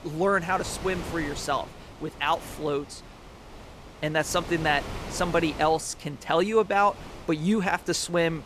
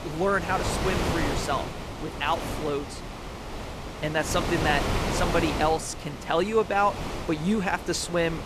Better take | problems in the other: first | wind noise on the microphone; heavy; 6 dB below the speech; occasional gusts in the first

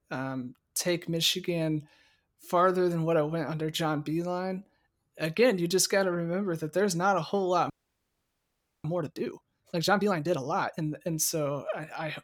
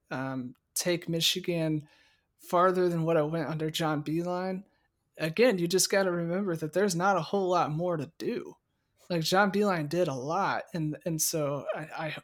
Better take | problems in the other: second | audio freezing; at 7.5 s for 1 s

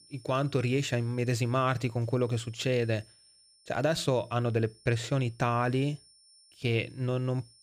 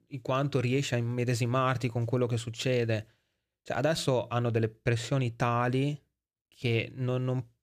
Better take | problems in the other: second | high-pitched whine; faint; throughout; 5.5 kHz, 25 dB below the speech

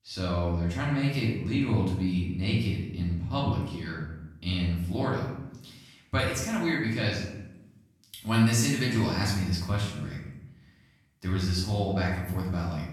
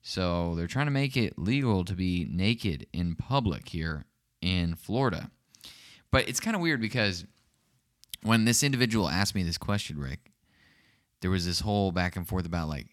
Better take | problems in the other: second | room echo; noticeable; dies away in 0.8 s // off-mic speech; far

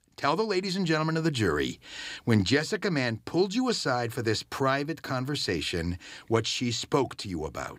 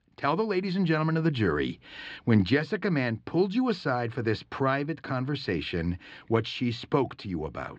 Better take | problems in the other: first | muffled; slightly; fading above 3.5 kHz

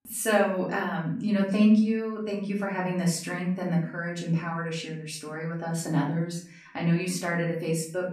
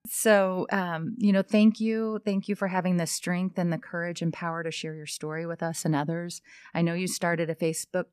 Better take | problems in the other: second | room echo; slight; dies away in 0.5 s // off-mic speech; far

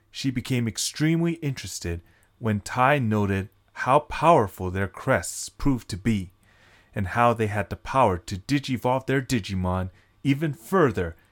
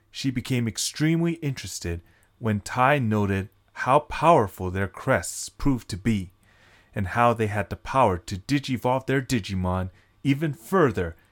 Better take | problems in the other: neither | none

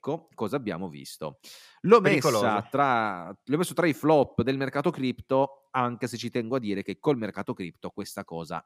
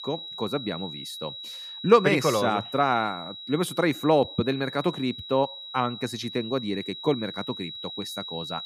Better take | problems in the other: first | high-pitched whine; noticeable; throughout; 4 kHz, 10 dB below the speech

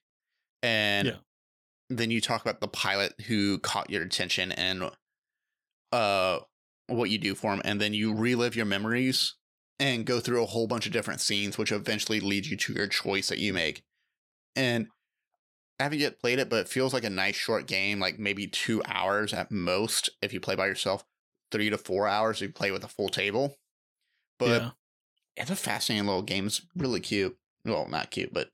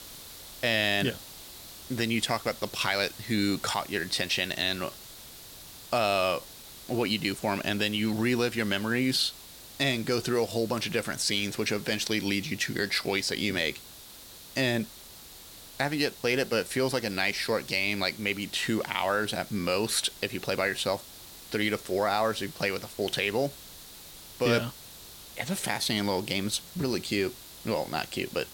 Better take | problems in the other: first | hiss; noticeable; throughout; 15 dB below the speech

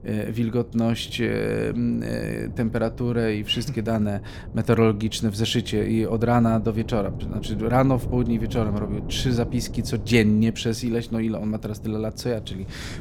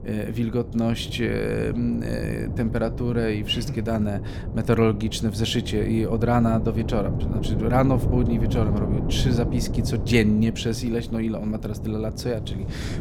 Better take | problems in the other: first | wind noise on the microphone; heavy; 10 dB below the speech; occasional gusts in the first

